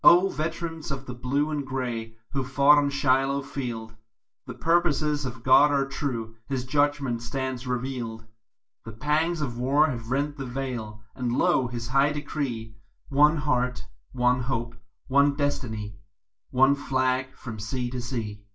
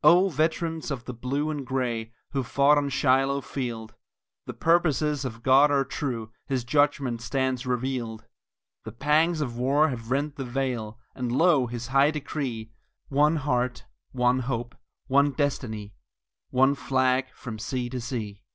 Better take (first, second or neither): second